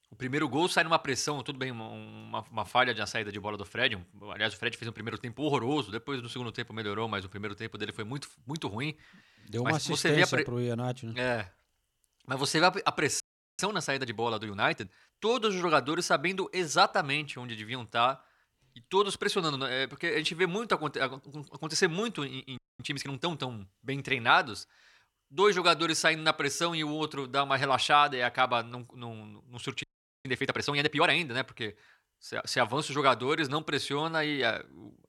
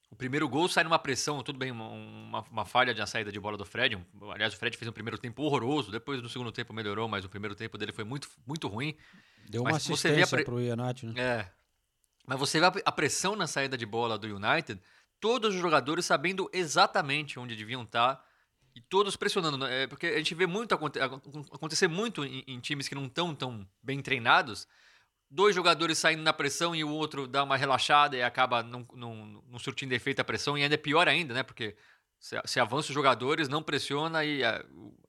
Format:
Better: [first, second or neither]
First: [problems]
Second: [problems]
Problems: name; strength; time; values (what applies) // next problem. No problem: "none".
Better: second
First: audio freezing; at 13 s, at 23 s and at 30 s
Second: none